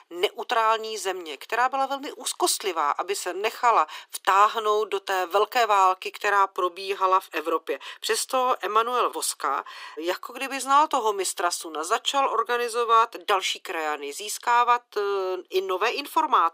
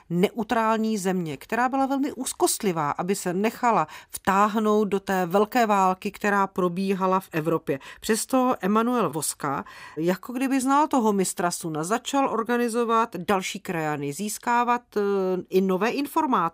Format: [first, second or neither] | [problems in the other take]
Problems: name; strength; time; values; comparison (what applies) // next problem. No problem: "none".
second | thin; very; fading below 350 Hz